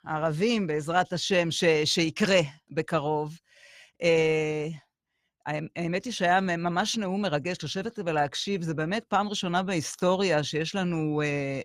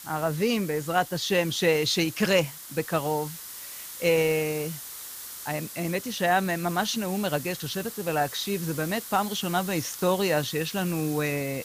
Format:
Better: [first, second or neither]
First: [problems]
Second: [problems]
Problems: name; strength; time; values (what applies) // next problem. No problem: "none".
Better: first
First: none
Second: hiss; noticeable; throughout; 10 dB below the speech